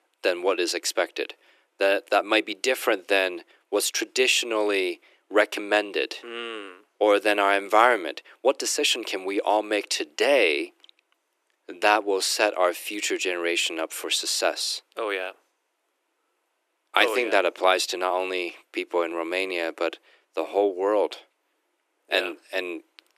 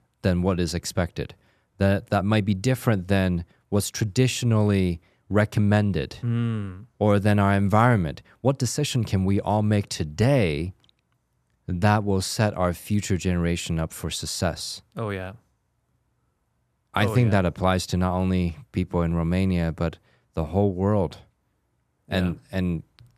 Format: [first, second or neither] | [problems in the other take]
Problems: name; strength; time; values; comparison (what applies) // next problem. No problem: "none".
second | thin; very; fading below 300 Hz